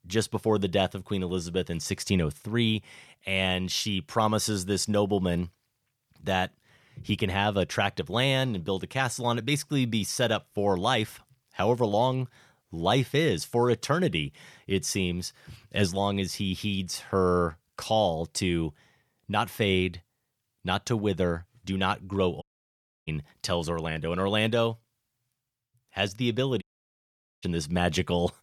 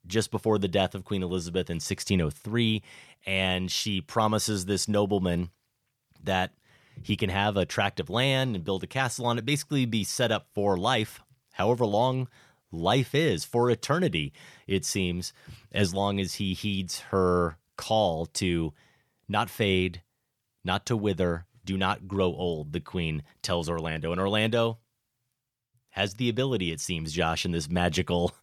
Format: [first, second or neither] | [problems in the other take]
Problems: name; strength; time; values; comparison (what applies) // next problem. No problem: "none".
second | audio cutting out; at 22 s for 0.5 s and at 27 s for 1 s